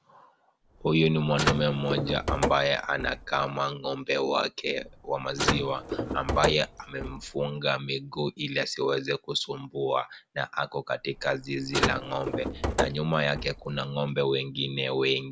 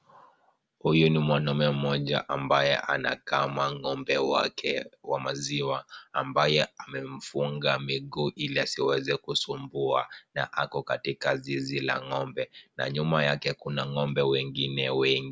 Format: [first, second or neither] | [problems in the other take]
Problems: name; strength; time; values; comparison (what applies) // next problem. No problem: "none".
second | background sound (Car); 4 dB below the speech